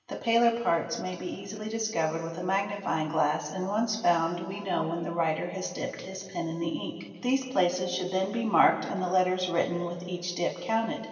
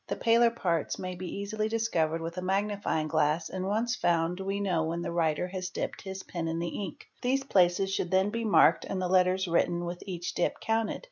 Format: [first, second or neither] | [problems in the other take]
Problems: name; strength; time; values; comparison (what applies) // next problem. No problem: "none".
second | room echo; dies away in 2.1 s